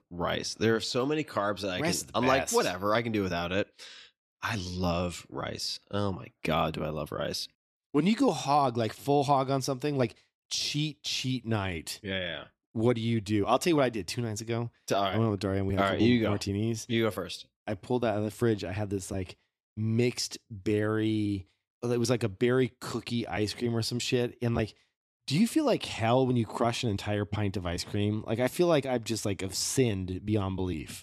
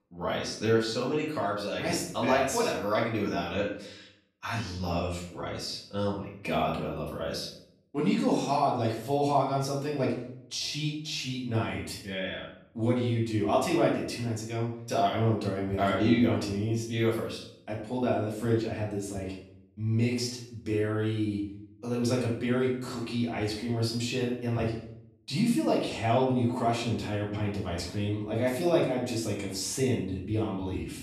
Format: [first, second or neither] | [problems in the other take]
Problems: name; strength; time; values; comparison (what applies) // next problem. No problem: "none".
first | off-mic speech; far // room echo; noticeable; dies away in 0.5 s